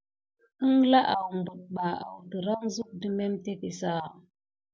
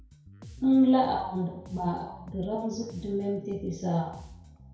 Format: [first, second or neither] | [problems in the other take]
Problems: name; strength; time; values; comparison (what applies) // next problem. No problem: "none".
first | background sound (Bass guitar); 19 dB below the speech // room echo; dies away in 0.6 s